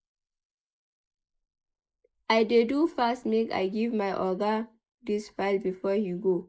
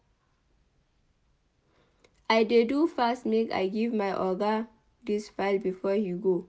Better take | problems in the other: second | noise reduction (neural mask model Resemble Enhance denoiser)

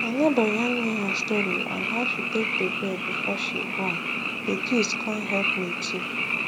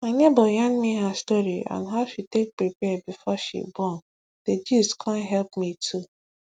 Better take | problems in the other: second | background sound (Frog); as loud as the speech

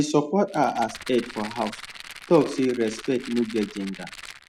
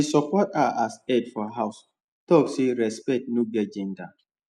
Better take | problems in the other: second | background sound (Rattle); 16 dB below the speech

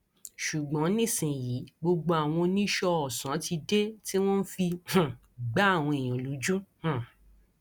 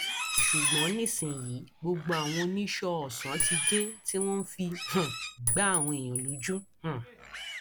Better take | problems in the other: first | background sound (Chink, clink + Livestock, farm animals, working animals); as loud as the speech

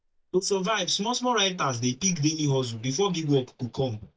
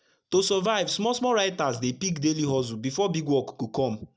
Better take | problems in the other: second | noise reduction (neural mask model DeepFilterNet 3)

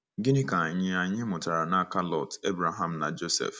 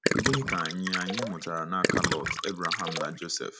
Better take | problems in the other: first | background sound (Gurgling); 2 dB above the speech

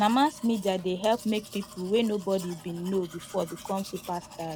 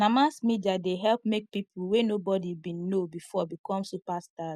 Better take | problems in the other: second | background sound (Domestic sounds, home sounds); 18 dB below the speech

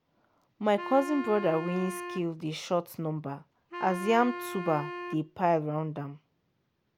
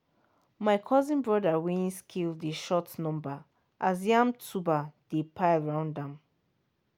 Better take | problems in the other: second | background sound (Wind instrument, woodwind instrument); 10 dB below the speech

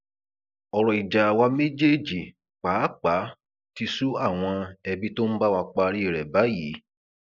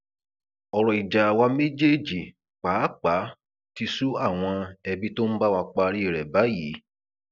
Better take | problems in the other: second | noise reduction (neural mask model Resemble Enhance denoiser)

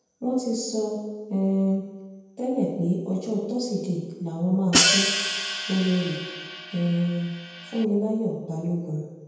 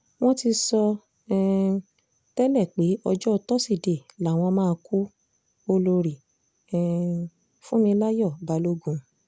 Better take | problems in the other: second | background sound (Hi-hat); as loud as the speech // room echo; dies away in 1 s

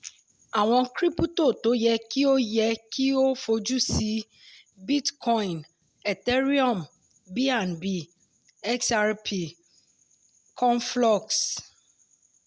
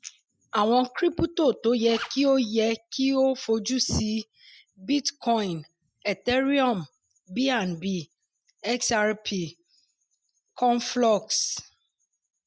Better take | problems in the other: first | noise reduction (classical method Wiener filter)

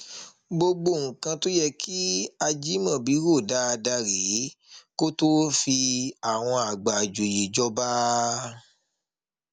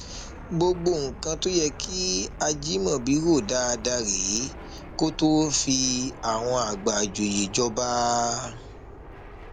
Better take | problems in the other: first | background sound (Fixed-wing aircraft, airplane); 14 dB below the speech

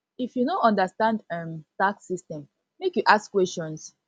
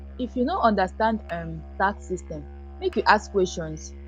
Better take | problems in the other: first | background sound (Musical instrument); 14 dB below the speech

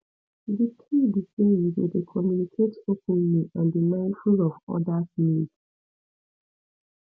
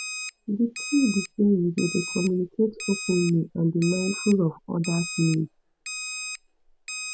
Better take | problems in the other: first | background sound (Alarm); 10 dB below the speech

